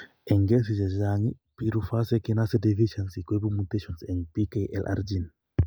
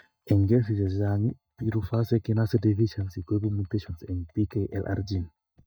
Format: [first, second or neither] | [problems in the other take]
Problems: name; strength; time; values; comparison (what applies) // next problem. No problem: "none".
first | noise reduction (neural mask model DeepFilterNet 3)